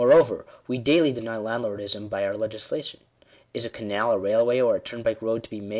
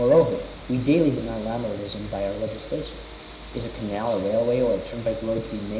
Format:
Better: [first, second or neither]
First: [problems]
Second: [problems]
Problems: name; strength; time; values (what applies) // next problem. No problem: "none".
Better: first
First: none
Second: background sound (Train); 15 dB below the speech // room echo; dies away in 0.9 s